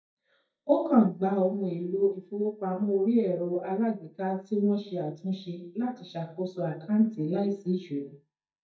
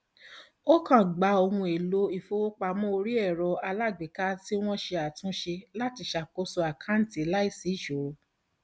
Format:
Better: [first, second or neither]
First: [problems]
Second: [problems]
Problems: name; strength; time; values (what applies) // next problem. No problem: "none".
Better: second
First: noise reduction (neural mask model DeepFilterNet 3)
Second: none